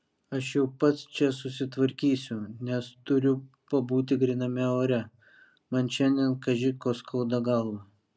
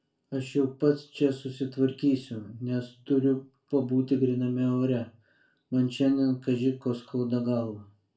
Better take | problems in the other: first | room echo; dies away in 0.3 s

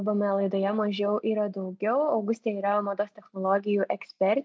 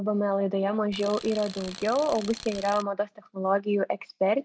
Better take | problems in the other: first | background sound (Tools); 15 dB below the speech

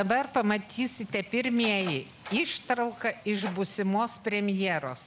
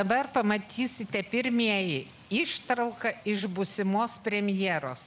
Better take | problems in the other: second | background sound (Door); 18 dB below the speech

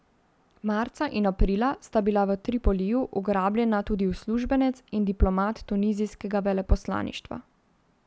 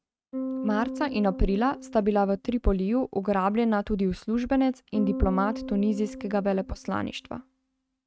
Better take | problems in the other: first | noise reduction (neural mask model RNNoise)

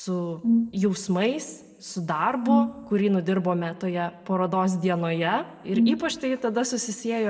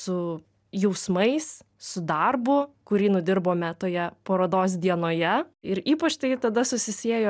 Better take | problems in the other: second | background sound (Brass instrument); 1 dB above the speech // room echo; dies away in 0.9 s

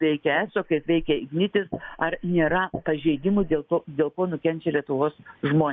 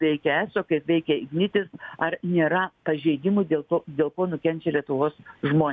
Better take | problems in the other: second | noise reduction (neural mask model Resemble Enhance denoiser)

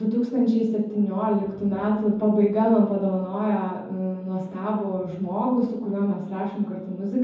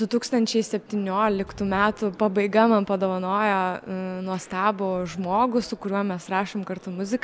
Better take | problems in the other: second | room echo; dies away in 0.9 s

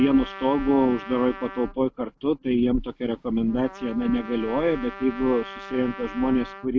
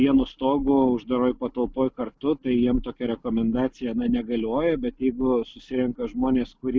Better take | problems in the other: second | background sound (Trumpet); 16 dB below the speech

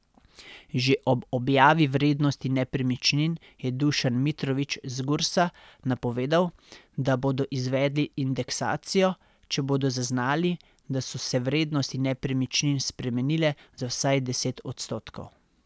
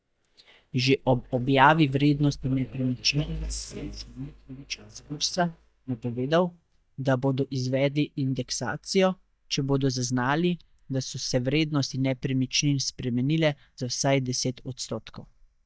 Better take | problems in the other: first | noise reduction (neural mask model DeepFilterNet 3)

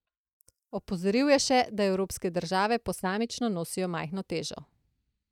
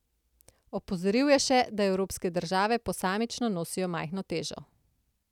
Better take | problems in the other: second | noise reduction (neural mask model DeepFilterNet 3)

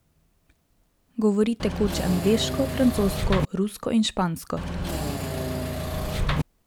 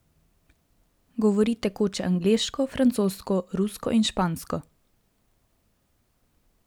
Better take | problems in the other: second | background sound (Engine / Mechanisms); 1 dB below the speech

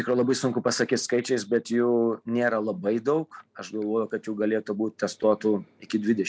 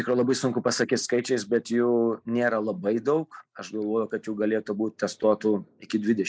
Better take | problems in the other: first | noise reduction (neural mask model Resemble Enhance denoiser)

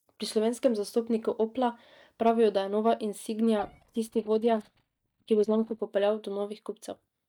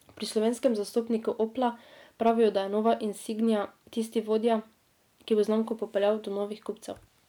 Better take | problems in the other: second | noise reduction (neural mask model DeepFilterNet 3)

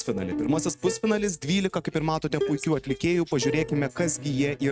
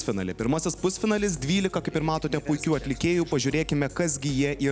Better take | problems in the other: second | noise reduction (neural mask model RNNoise)

